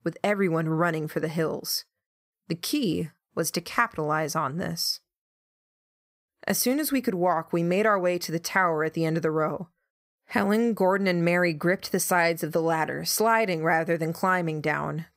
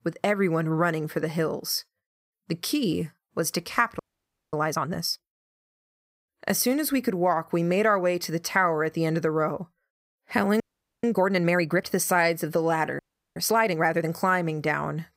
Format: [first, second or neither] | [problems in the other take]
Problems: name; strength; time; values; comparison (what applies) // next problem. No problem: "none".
first | audio freezing; at 4 s for 0.5 s, at 11 s and at 13 s